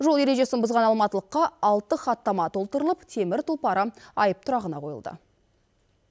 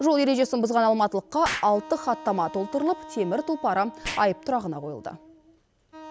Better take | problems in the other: first | background sound (Explosion + Wind instrument, woodwind instrument); 15 dB below the speech

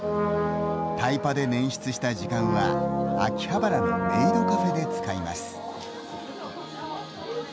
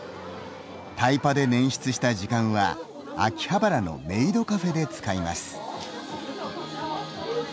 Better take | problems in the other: second | background sound (Brass instrument); 1 dB above the speech

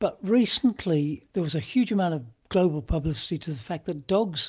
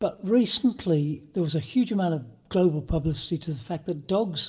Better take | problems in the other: first | room echo; dies away in 0.5 s

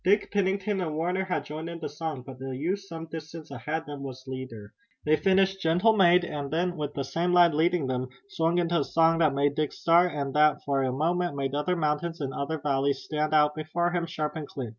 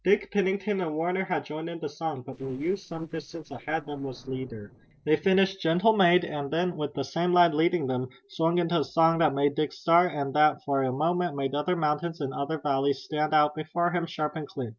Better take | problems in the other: first | noise reduction (neural separator model SepFormer DNS4)

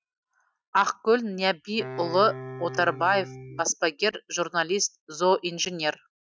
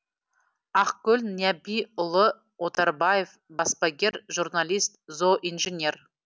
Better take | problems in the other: second | noise reduction (classical method Wiener filter)

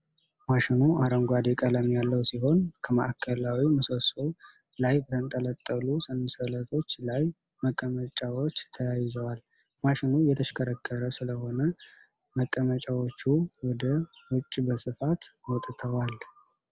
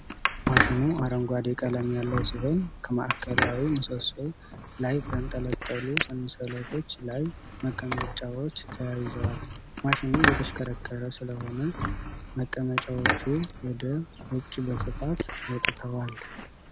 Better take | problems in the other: first | background sound (Squeak); 2 dB below the speech

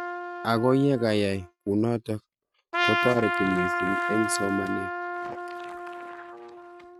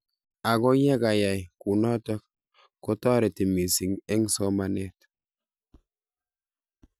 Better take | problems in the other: second | noise reduction (neural mask model RNNoise)

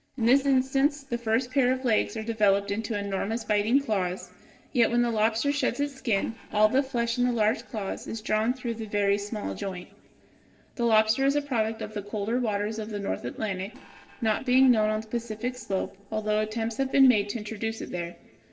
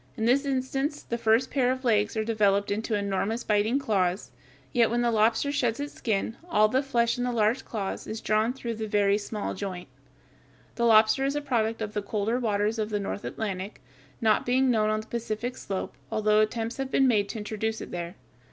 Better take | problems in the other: second | noise reduction (neural separator model SepFormer DNS4)

